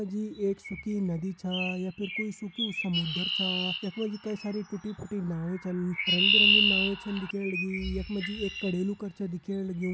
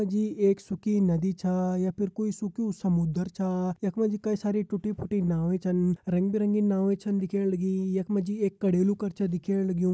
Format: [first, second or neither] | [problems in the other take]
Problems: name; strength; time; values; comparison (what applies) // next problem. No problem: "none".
second | background sound (Chirp, tweet); 1 dB above the speech